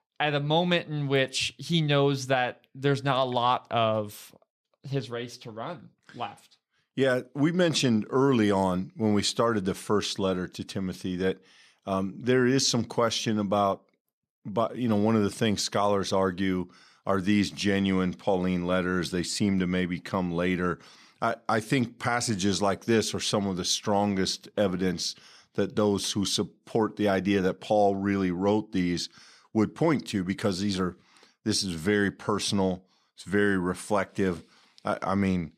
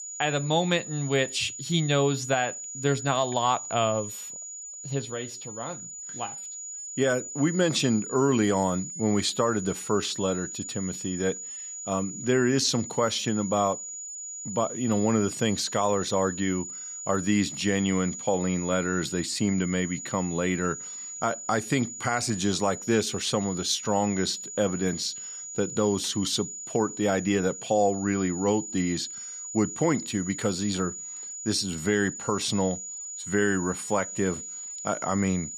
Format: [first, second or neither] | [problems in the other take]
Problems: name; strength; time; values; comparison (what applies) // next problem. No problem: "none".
first | high-pitched whine; loud; throughout; 7 kHz, 8 dB below the speech